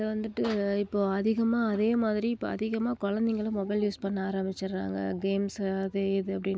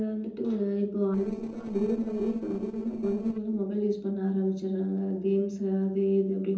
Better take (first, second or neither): first